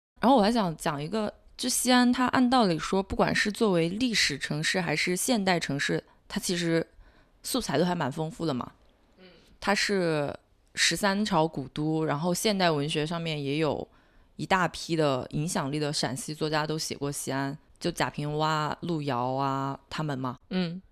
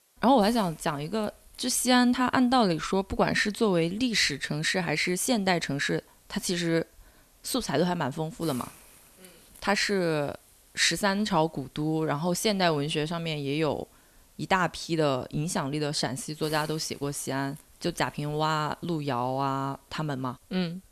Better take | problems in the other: first | hiss; faint; throughout; 25 dB below the speech

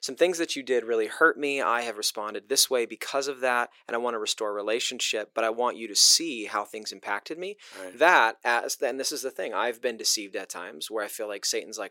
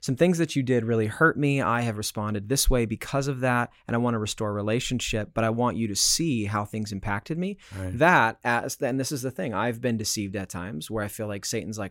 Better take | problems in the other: second | thin; very; fading below 400 Hz

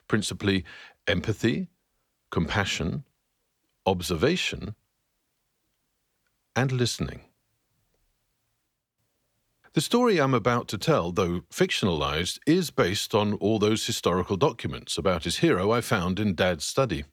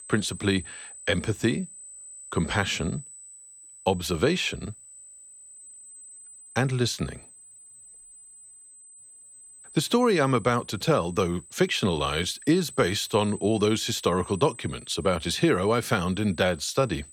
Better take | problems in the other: first | high-pitched whine; noticeable; throughout; 8 kHz, 20 dB below the speech

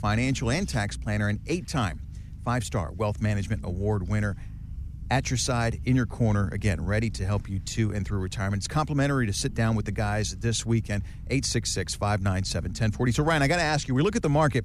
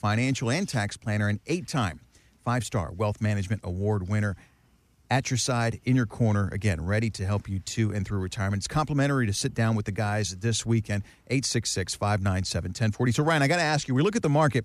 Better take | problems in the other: second | low rumble; faint; throughout; 25 dB below the speech

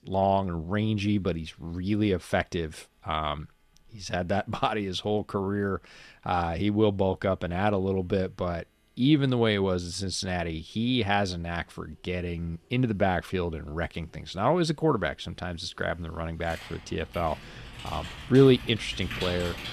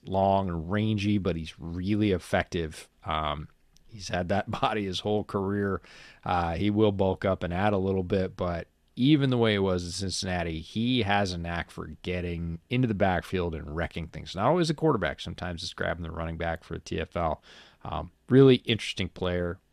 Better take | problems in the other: second | household noises; noticeable; throughout; 10 dB below the speech

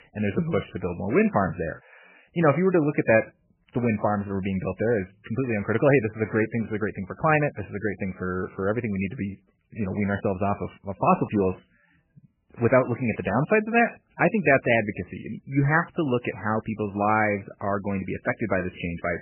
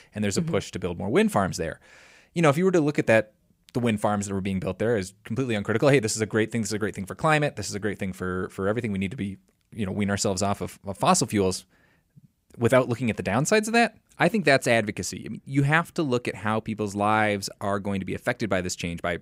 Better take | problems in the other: second | garbled, watery; badly; nothing above 2.5 kHz

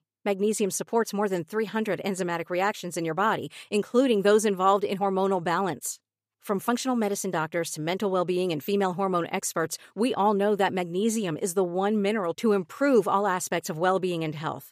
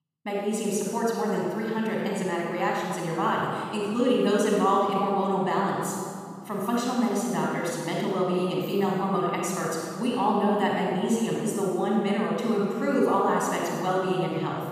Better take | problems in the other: first | off-mic speech; far // room echo; strong; dies away in 2.2 s

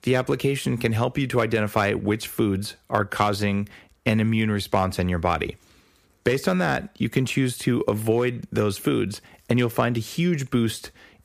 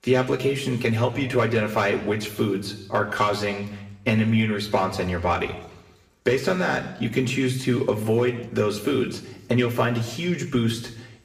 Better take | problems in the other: first | room echo; slight; dies away in 0.9 s // off-mic speech; far

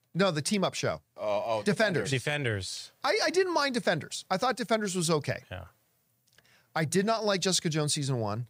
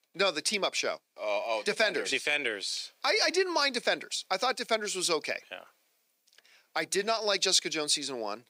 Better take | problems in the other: first | thin; somewhat; fading below 300 Hz

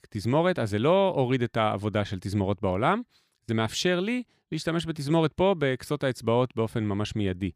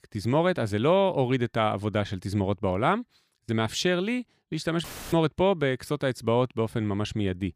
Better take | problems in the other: first | audio cutting out; filled with static; at 5 s

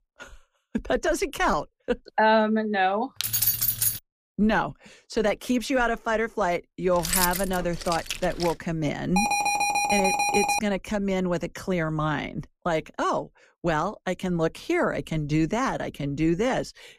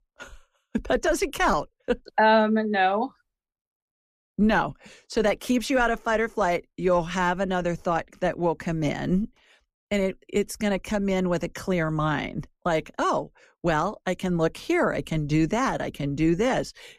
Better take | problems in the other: second | jangling keys; loud; at 3 s and from 7 to 8.5 s; peak 6 dB above the speech // alarm; loud; from 9 to 11 s; peak 4 dB above the speech

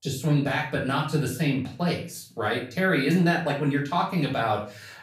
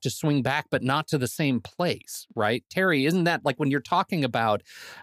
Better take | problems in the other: second | off-mic speech; far // room echo; slight; dies away in 0.4 s

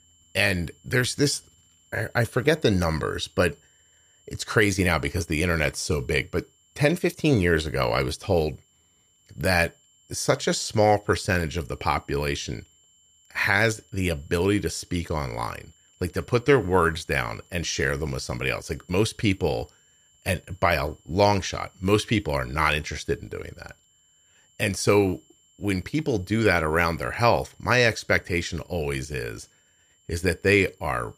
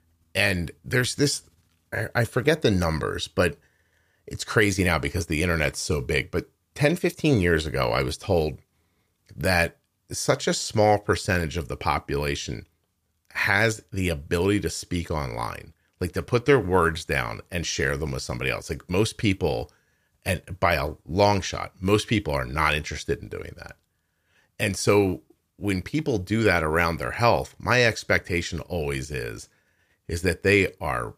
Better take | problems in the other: second | high-pitched whine; faint; throughout; 7.5 kHz, 35 dB below the speech

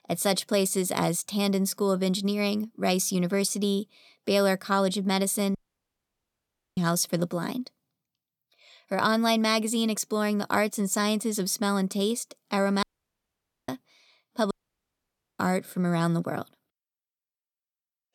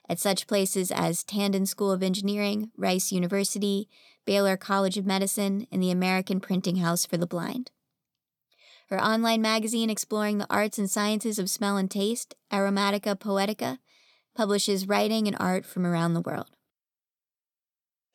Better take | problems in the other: second | audio cutting out; at 5.5 s for 1 s, at 13 s for 1 s and at 15 s for 1 s

